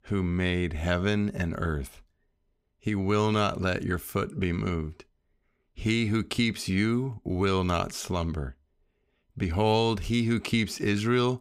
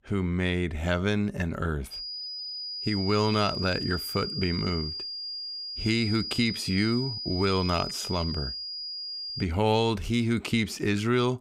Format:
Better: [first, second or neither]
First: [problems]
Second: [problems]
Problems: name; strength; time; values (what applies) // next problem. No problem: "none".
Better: first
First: none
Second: high-pitched whine; loud; from 2 to 9.5 s; 5 kHz, 5 dB below the speech